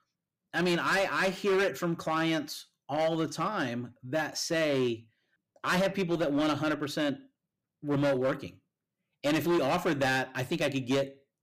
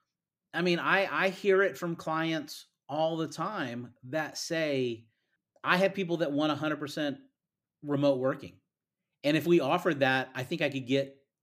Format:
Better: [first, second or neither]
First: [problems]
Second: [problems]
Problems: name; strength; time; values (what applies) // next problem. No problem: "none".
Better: second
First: distortion; heavy; 10% of the sound clipped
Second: none